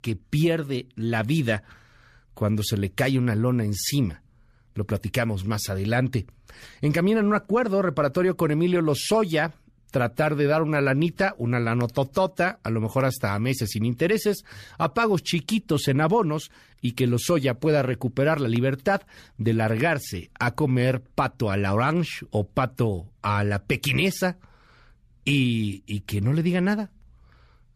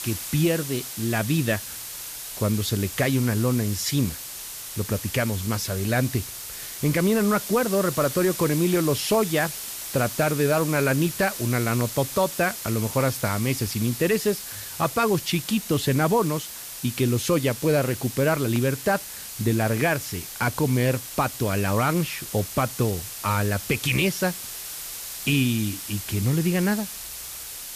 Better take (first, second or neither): first